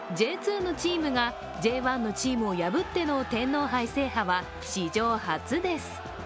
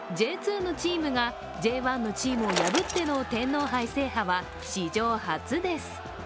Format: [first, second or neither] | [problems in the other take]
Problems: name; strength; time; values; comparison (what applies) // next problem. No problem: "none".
first | background sound (Bicycle); 11 dB below the speech